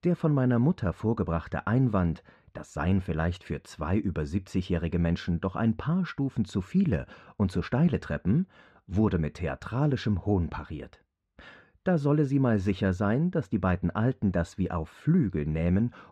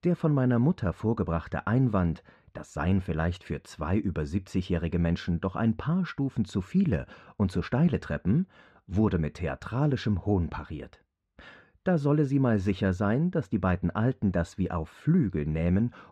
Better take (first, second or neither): neither